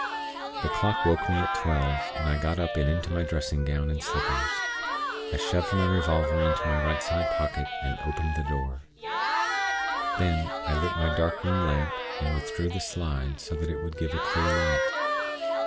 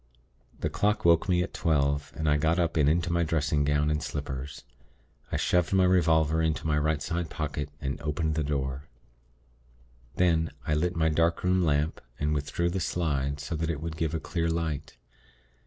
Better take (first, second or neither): second